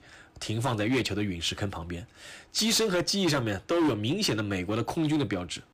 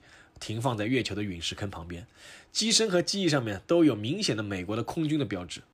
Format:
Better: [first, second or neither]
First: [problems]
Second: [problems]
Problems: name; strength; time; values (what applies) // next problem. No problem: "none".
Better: second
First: distortion; heavy; 9% of the sound clipped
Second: none